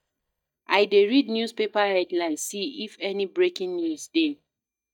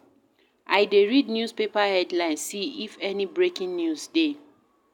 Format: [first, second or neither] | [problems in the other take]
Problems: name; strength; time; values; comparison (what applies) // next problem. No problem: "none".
second | noise reduction (neural mask model DeepFilterNet 3)